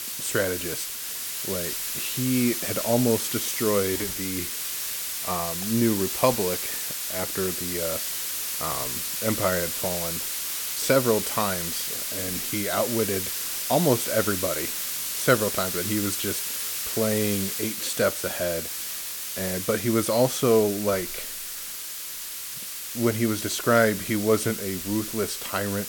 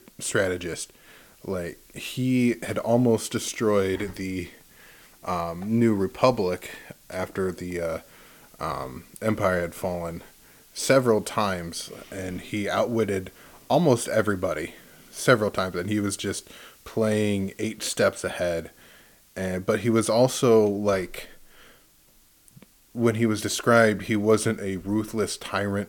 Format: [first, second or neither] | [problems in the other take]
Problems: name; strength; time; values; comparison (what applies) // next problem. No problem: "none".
second | hiss; loud; throughout; 2 dB below the speech; faint in the second